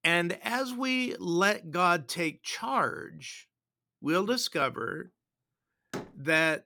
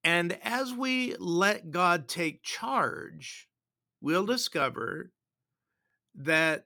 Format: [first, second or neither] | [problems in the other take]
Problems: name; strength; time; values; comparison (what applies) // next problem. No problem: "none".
second | door banging; faint; at 6 s; peak 15 dB below the speech